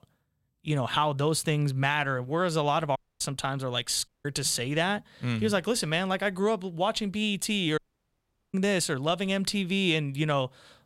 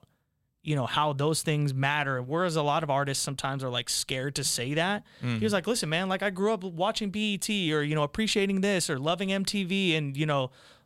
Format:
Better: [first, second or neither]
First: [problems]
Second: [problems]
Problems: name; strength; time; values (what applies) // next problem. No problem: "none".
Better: second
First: audio cutting out; at 3 s, at 4 s and at 8 s for 0.5 s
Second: none